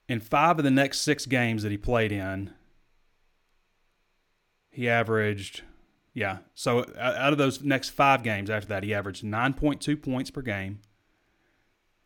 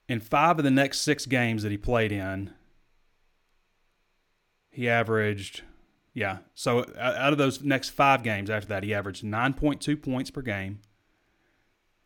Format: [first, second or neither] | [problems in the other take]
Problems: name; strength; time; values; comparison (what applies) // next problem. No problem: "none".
neither | none